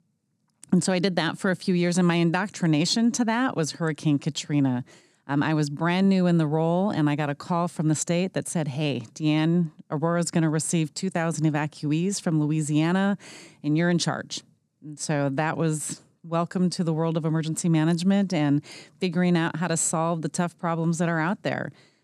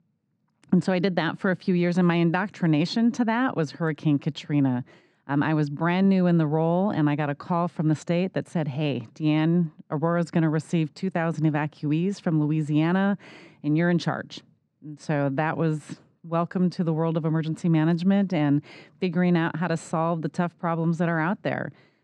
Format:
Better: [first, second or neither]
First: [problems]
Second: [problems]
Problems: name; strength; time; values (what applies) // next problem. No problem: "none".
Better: first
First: none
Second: muffled; slightly; fading above 3 kHz